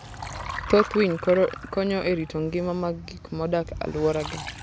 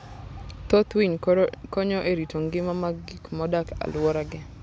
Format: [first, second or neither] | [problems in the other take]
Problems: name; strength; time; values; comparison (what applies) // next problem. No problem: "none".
second | background sound (Liquid); 12 dB below the speech